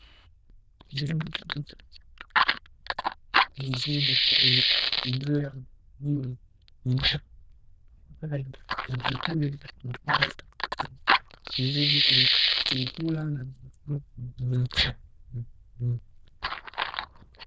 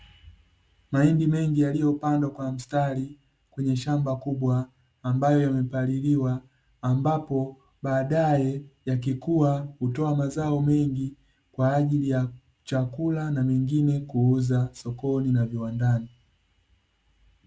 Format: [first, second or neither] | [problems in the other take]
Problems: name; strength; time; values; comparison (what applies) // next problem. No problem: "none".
second | noise reduction (neural diffusion model UNIVERSE++)